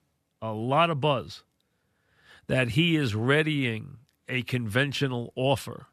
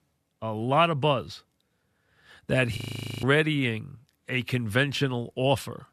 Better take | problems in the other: first | audio freezing; at 3 s

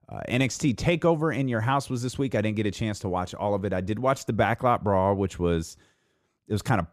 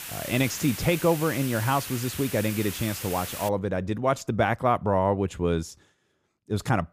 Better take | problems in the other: first | hiss; loud; until 3.5 s; 8 dB below the speech

